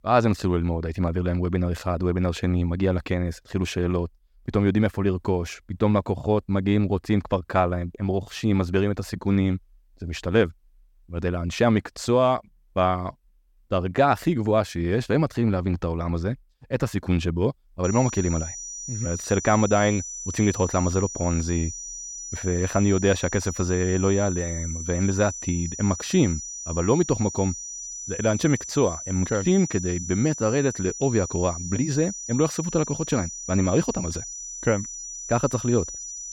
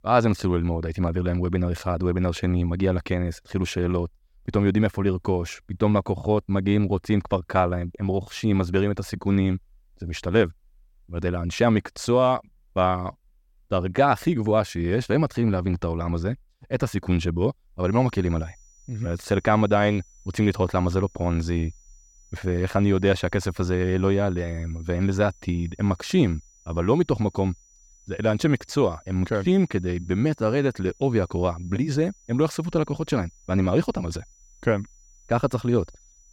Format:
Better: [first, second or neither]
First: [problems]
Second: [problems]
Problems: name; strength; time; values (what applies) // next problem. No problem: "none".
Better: second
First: high-pitched whine; loud; from 18 s on; 6 kHz, 8 dB below the speech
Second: high-pitched whine; faint; from 18 s on; 6 kHz, 30 dB below the speech